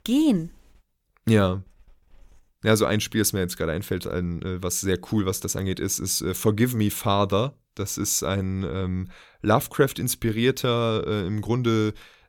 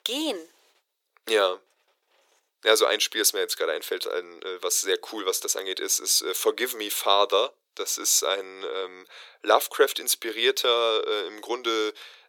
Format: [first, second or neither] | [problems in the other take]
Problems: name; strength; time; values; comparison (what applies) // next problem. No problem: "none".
first | thin; very; fading below 400 Hz